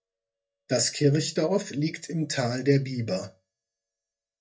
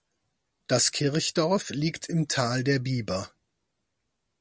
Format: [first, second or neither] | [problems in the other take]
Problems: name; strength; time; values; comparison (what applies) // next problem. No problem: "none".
second | noise reduction (neural mask model DeepFilterNet 3)